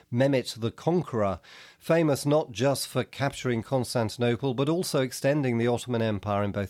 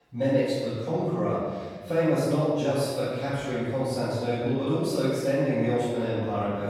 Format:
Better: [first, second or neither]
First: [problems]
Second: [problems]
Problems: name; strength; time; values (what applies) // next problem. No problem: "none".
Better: first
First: none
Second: off-mic speech; far // room echo; strong; dies away in 1.4 s